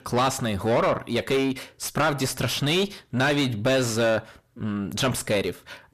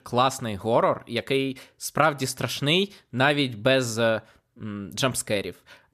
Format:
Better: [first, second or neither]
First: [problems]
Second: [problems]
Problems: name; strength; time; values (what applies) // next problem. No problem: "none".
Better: second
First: distortion; heavy; 6 dB below the speech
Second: none